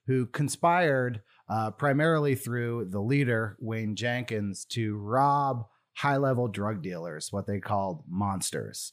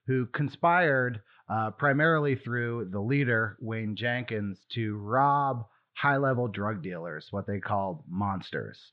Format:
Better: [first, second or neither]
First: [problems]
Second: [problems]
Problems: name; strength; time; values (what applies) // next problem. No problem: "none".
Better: first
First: none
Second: muffled; very; fading above 3.5 kHz